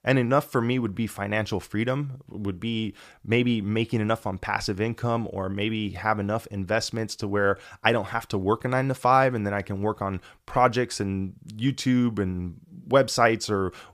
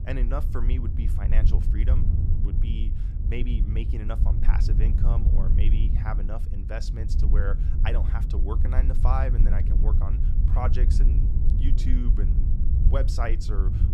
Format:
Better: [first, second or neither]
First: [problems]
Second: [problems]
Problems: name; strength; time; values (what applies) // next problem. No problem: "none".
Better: first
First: none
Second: low rumble; loud; throughout; 5 dB below the speech